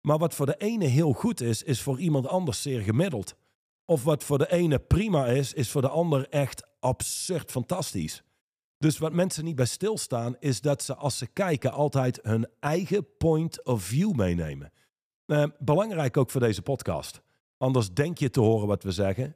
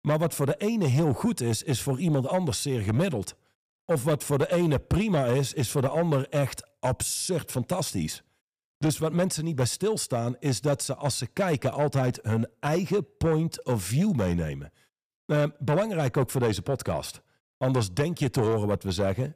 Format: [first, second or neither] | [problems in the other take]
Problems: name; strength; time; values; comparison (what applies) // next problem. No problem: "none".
first | distortion; slight; 10 dB below the speech